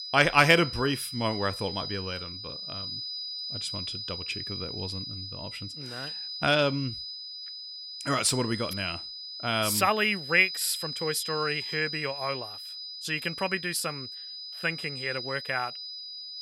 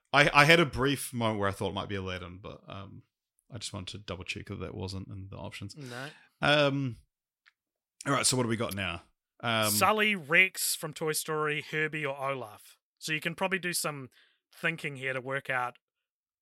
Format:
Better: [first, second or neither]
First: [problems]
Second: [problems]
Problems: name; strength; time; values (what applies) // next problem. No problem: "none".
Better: second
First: high-pitched whine; loud; throughout; 5 kHz, 8 dB below the speech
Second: none